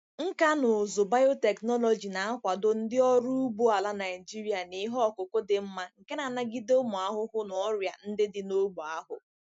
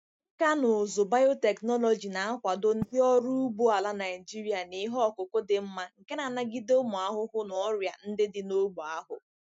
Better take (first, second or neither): first